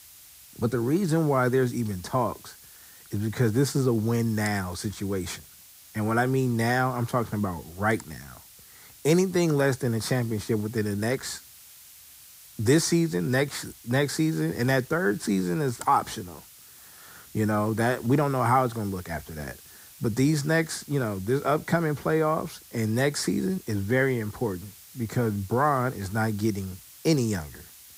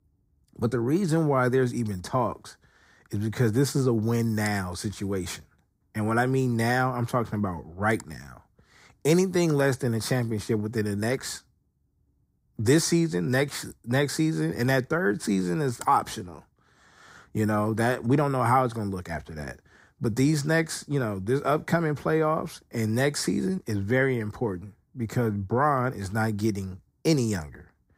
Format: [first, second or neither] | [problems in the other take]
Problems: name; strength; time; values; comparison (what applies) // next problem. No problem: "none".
second | hiss; faint; throughout; 20 dB below the speech